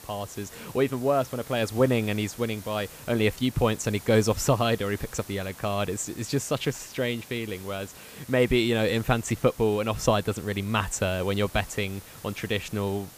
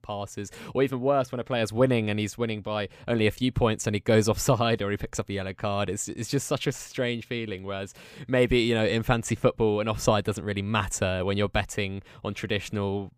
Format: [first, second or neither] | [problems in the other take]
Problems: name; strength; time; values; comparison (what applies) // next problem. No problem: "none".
second | hiss; noticeable; throughout; 20 dB below the speech